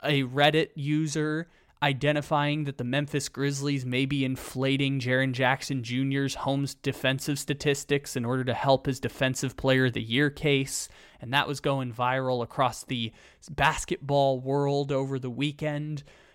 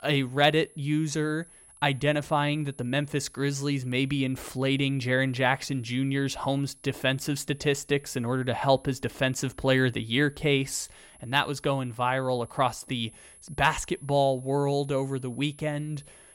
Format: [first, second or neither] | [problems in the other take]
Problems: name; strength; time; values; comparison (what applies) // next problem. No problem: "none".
first | high-pitched whine; faint; throughout; 10.5 kHz, 25 dB below the speech